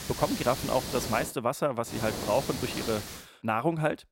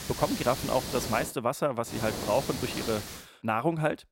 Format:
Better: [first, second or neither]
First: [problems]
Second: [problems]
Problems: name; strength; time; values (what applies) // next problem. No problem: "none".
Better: neither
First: hiss; loud; until 1.5 s and from 2 to 3 s; 6 dB below the speech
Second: hiss; loud; until 1.5 s and from 2 to 3 s; 6 dB below the speech